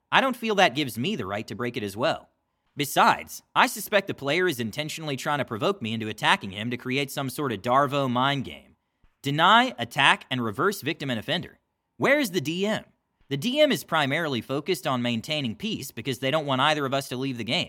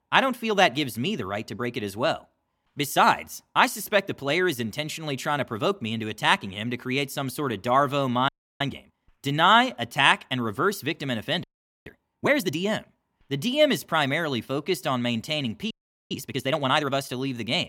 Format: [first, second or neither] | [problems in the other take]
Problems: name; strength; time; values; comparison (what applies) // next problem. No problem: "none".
first | audio freezing; at 8.5 s, at 11 s and at 16 s